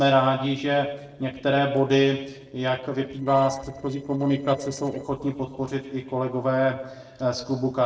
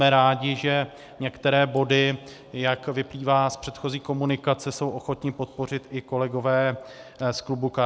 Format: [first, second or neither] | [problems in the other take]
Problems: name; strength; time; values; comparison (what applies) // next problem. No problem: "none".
second | noise reduction (neural separator model SepFormer DNS4)